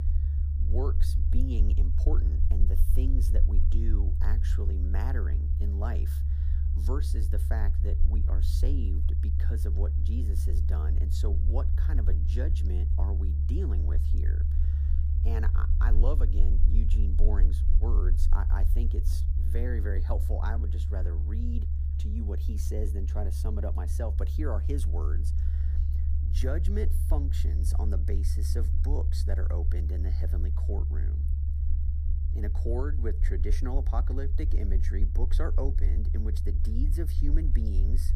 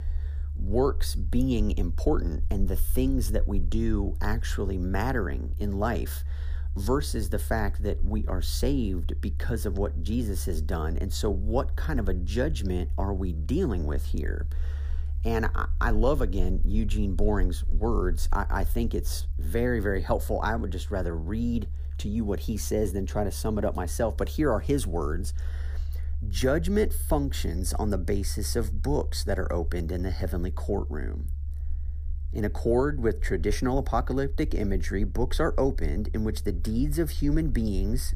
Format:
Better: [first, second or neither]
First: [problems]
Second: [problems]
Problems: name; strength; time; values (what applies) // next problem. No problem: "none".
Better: second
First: low rumble; loud; throughout; 4 dB below the speech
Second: low rumble; faint; throughout; 20 dB below the speech